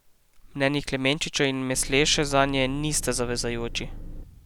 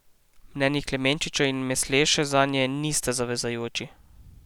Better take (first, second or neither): second